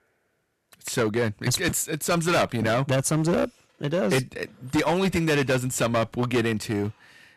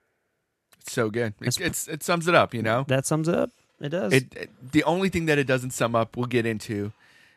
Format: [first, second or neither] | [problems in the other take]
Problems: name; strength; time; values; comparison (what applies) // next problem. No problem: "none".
second | distortion; heavy; 12% of the sound clipped